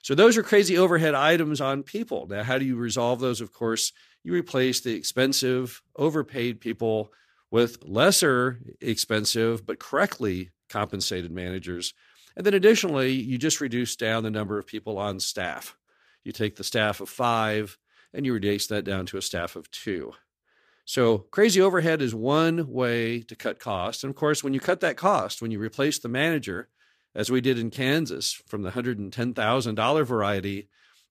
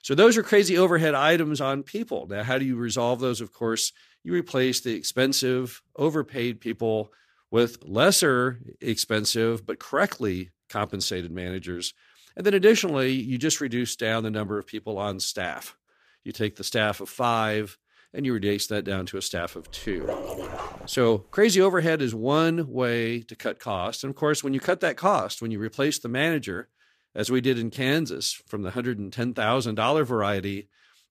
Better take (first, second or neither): first